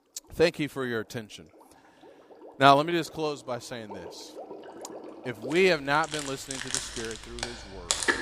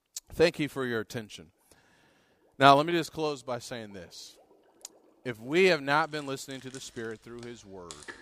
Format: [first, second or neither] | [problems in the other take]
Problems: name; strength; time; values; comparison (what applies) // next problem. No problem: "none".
second | household noises; loud; throughout; 9 dB below the speech; faint in the second